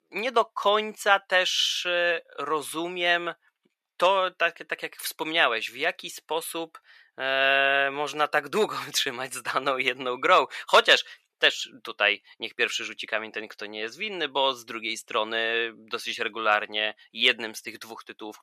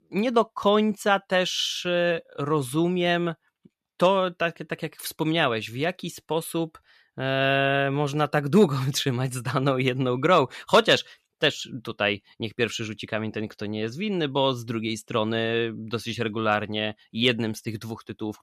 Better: second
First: thin; very; fading below 550 Hz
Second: none

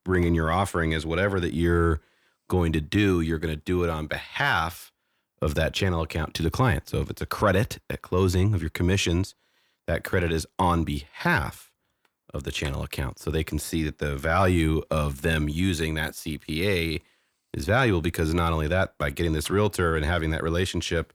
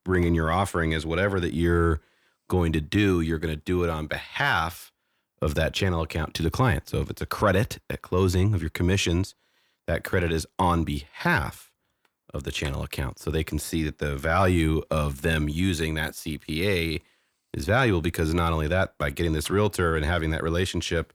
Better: neither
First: none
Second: none

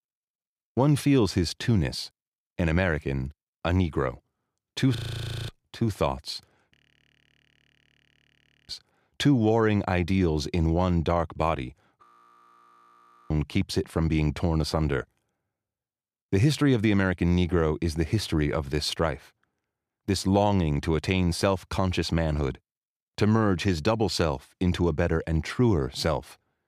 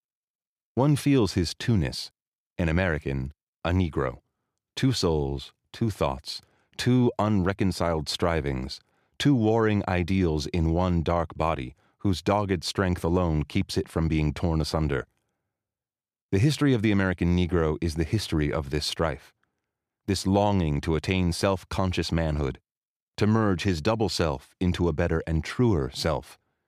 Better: second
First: audio freezing; at 5 s for 0.5 s, at 7 s for 2 s and at 12 s for 1.5 s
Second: none

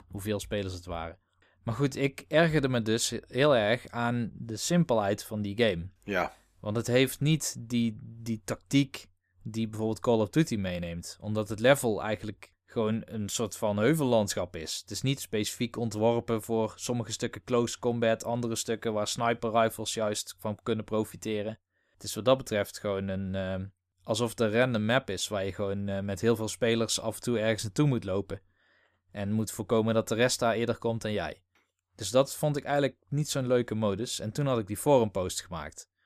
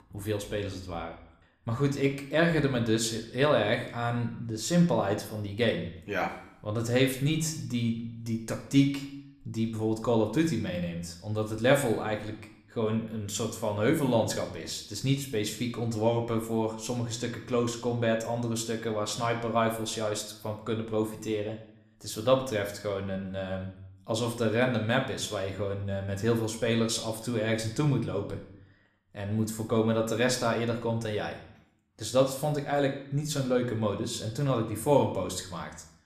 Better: first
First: none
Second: room echo; slight; dies away in 0.6 s

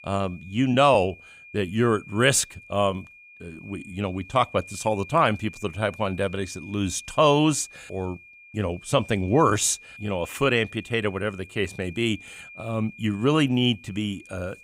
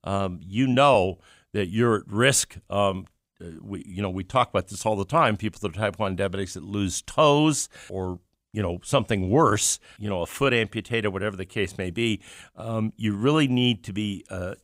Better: second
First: high-pitched whine; noticeable; throughout; 2.5 kHz, 20 dB below the speech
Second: none

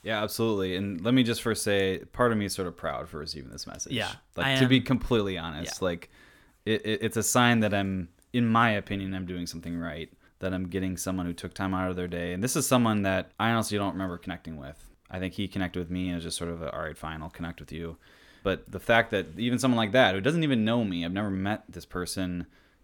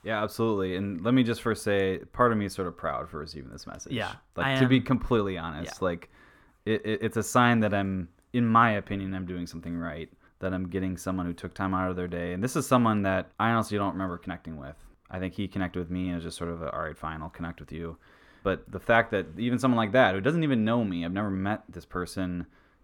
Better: first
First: none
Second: muffled; slightly; fading above 2.5 kHz

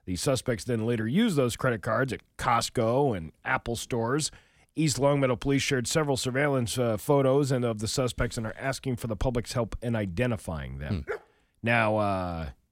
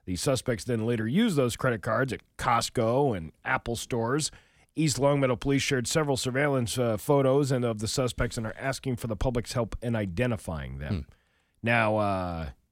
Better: second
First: dog barking; faint; at 11 s; peak 10 dB below the speech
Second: none

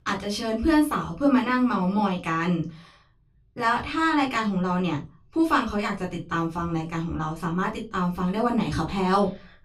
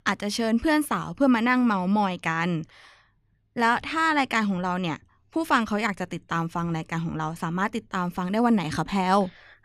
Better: second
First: off-mic speech; far // room echo; very slight; dies away in 0.3 s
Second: none

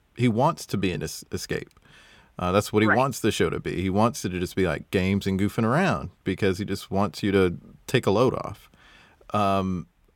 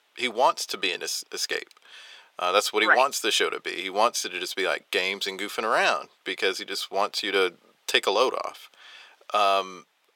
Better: first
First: none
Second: thin; very; fading below 500 Hz

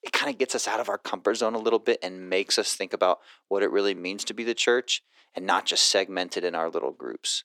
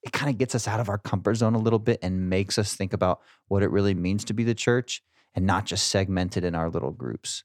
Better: second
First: thin; very; fading below 350 Hz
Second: none

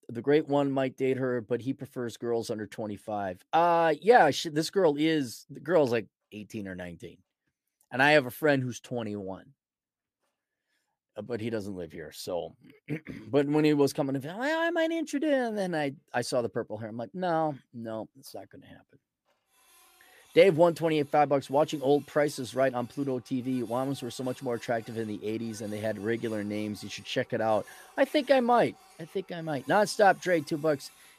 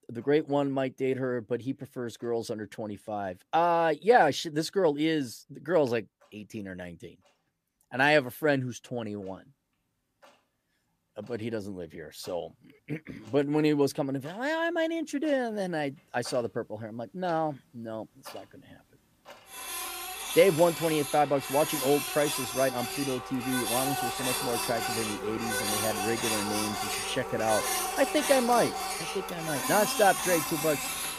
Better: first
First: household noises; faint; throughout; 25 dB below the speech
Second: household noises; loud; throughout; 2 dB below the speech

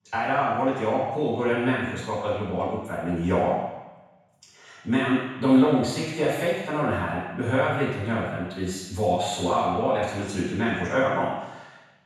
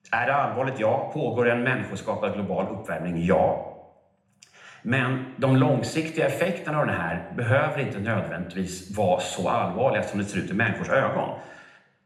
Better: second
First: room echo; strong; dies away in 1.1 s // off-mic speech; far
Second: room echo; slight; dies away in 0.8 s // off-mic speech; somewhat distant

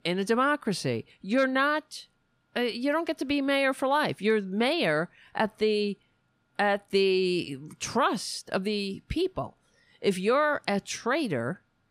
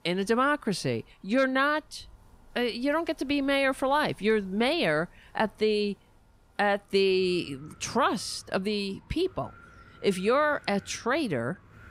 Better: first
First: none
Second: wind in the background; faint; throughout; 30 dB below the speech

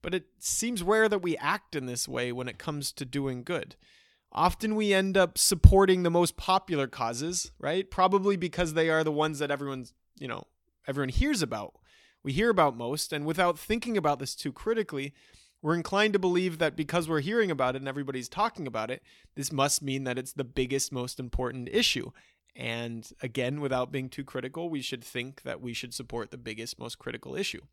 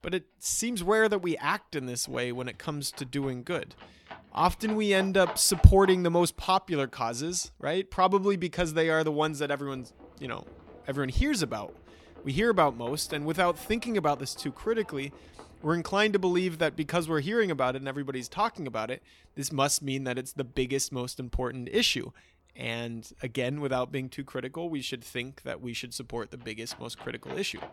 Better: first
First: none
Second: animal sounds; faint; throughout; 20 dB below the speech

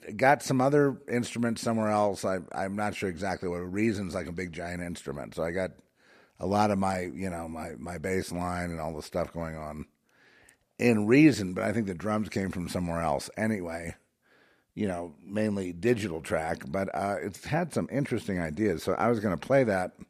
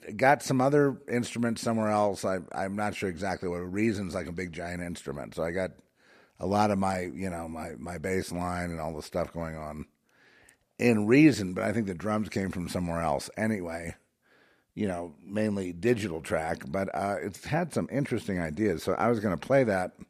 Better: neither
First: none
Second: none

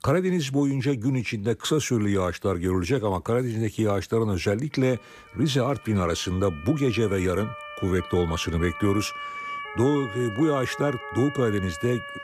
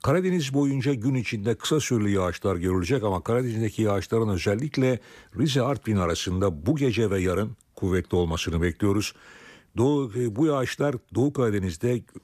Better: second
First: siren; noticeable; from 5 s on; peak 7 dB below the speech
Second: none

